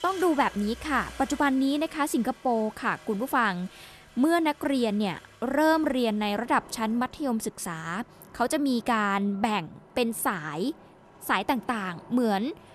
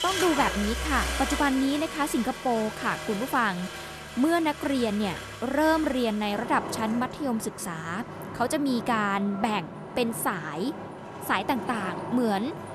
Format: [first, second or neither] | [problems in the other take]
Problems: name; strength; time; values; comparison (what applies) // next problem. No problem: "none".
first | traffic noise; loud; throughout; 8 dB below the speech; faint in the first